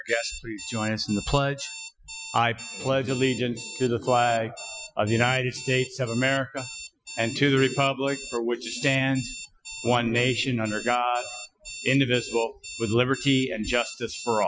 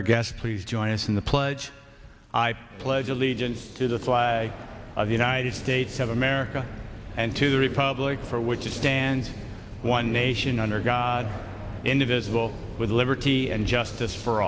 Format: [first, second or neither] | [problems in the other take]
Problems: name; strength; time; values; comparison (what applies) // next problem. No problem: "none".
second | noise reduction (classical method Wiener filter)